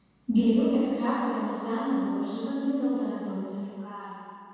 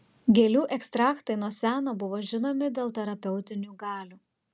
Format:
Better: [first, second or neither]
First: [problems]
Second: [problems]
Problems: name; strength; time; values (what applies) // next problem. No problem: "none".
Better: second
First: room echo; dies away in 2.1 s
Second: none